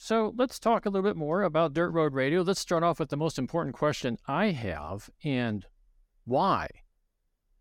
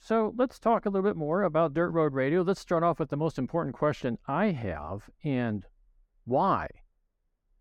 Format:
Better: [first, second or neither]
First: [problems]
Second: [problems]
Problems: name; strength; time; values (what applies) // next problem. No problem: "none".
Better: first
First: none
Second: muffled; slightly; fading above 2.5 kHz